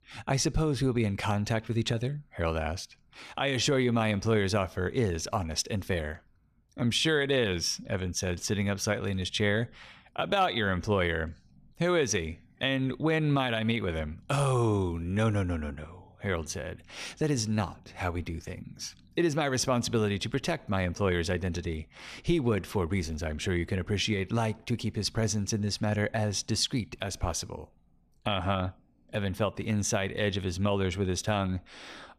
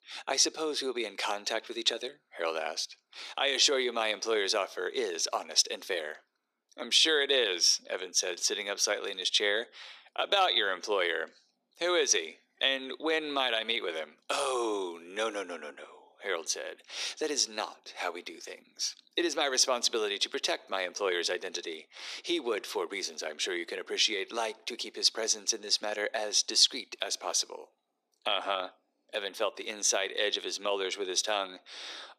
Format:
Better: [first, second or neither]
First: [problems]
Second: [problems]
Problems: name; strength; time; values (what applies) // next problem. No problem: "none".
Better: first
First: none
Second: thin; very; fading below 350 Hz